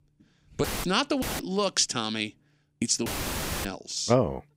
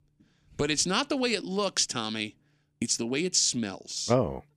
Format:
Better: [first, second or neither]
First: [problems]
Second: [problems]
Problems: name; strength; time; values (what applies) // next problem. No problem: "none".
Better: second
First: audio cutting out; filled with static; at 0.5 s, at 1 s and at 3 s for 0.5 s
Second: none